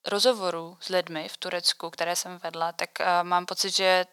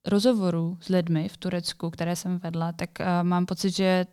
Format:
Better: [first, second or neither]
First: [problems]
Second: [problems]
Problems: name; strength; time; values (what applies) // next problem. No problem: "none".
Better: second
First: thin; very; fading below 750 Hz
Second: none